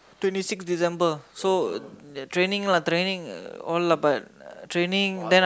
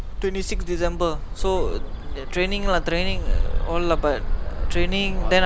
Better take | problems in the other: first | background sound (Bird); 3 dB above the speech

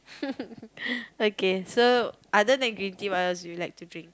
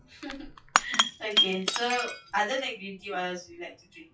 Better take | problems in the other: first | noise reduction (classical method WPE with log-MMSE)

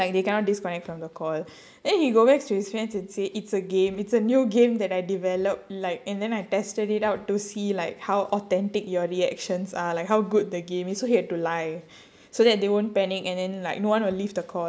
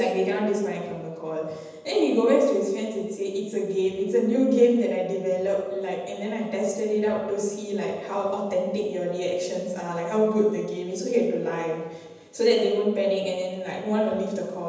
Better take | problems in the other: first | room echo; dies away in 1.1 s

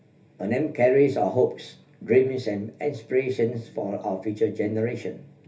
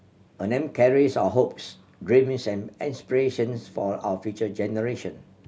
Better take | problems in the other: second | room echo; dies away in 0.3 s

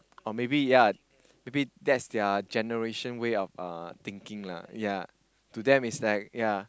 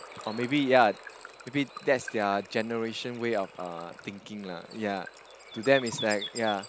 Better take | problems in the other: first | background sound (Water / Bird); 15 dB below the speech

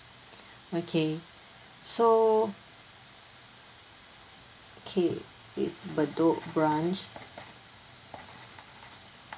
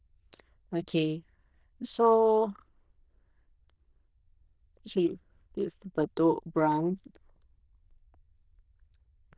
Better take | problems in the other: first | noise reduction (neural diffusion model UNIVERSE++)

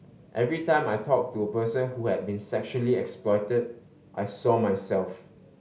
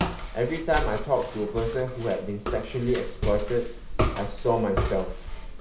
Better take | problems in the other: first | background sound (Walk, footsteps); 3 dB below the speech

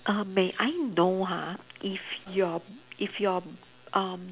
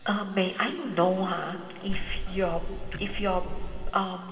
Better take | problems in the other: first | background sound (Tick-tock); 1 dB below the speech // room echo; dies away in 2.3 s

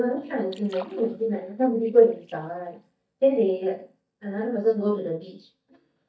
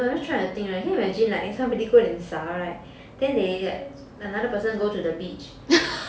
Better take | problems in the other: second | noise reduction (neural mask model DeepFilterNet 3)

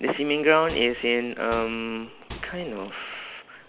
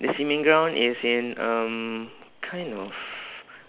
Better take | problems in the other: second | background sound (Microwave oven); 16 dB below the speech

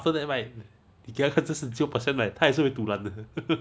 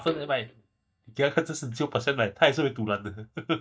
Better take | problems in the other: first | noise reduction (neural mask model DeepFilterNet 3)

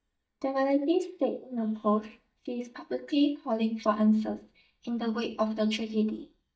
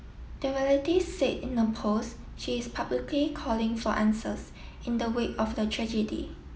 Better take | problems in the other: second | noise reduction (neural mask model DeepFilterNet 3)

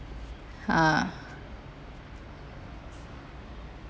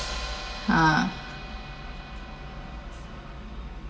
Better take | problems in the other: first | background sound (Hi-hat); 11 dB below the speech // room echo; dies away in 0.2 s

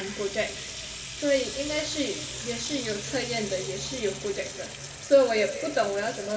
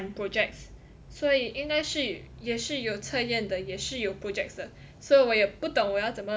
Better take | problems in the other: second | background sound (Sink (filling or washing) / Water tap, faucet); 10 dB below the speech // room echo; dies away in 2.2 s

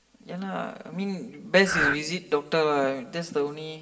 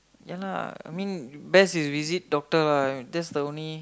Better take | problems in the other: second | background sound (Breathing); 3 dB above the speech // room echo; dies away in 1.7 s

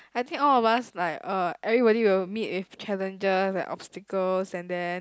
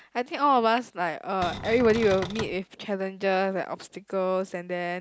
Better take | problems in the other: first | background sound (Cupboard open or close); 9 dB below the speech

